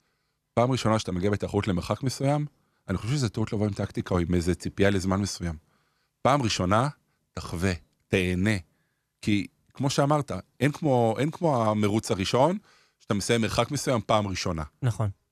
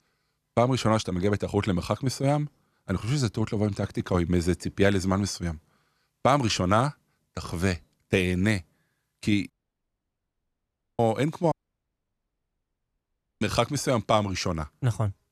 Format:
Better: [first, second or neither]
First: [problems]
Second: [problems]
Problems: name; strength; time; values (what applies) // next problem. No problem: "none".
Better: first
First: none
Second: audio cutting out; at 9.5 s for 1.5 s and at 12 s for 2 s